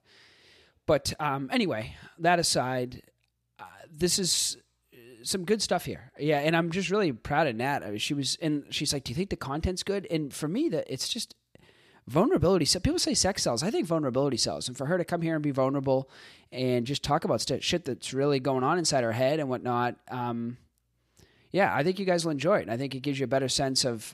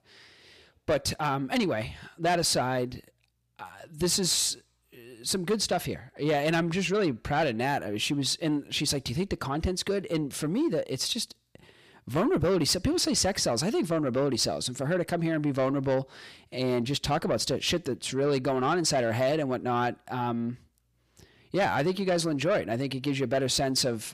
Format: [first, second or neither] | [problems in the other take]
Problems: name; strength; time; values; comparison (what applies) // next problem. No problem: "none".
first | distortion; slight; 10 dB below the speech